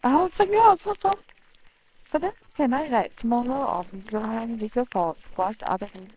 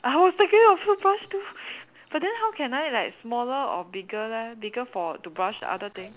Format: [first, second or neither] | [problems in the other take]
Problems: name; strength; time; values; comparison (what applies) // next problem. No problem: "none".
second | noise reduction (neural separator model SepFormer WHAMR!)